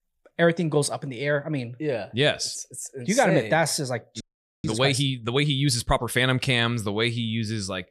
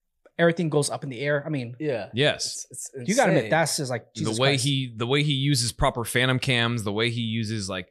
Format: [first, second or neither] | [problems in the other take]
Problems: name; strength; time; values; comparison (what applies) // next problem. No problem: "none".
second | audio freezing; at 4 s